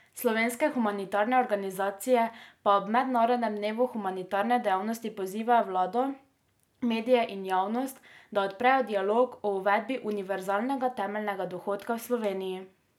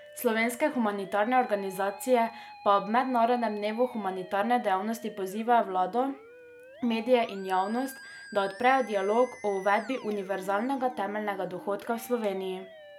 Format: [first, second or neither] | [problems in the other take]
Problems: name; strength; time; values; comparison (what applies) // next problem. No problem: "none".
first | background sound (Musical instrument); 19 dB below the speech